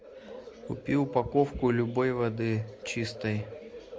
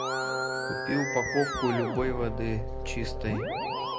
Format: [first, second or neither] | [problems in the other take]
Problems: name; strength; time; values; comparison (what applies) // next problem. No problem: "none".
first | background sound (Brass instrument + Musical instrument); as loud as the speech